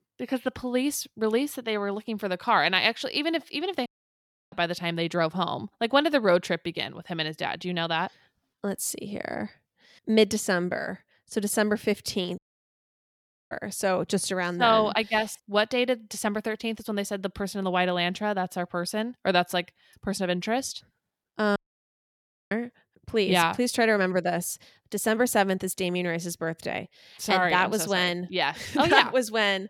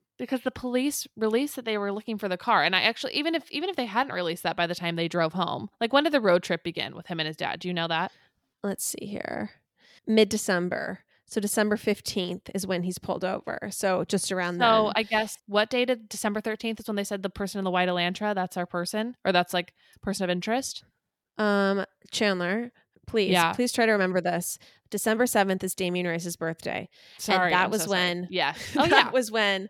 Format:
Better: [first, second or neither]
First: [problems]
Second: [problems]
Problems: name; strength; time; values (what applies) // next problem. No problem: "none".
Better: second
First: audio cutting out; at 4 s for 0.5 s, at 12 s for 1 s and at 22 s for 1 s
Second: none